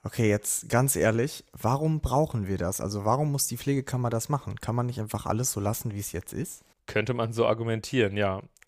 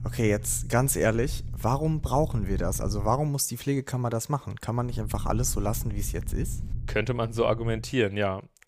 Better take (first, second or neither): first